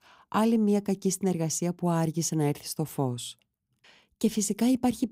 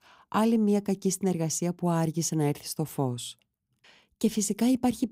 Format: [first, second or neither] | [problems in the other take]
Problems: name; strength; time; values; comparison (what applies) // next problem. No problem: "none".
neither | none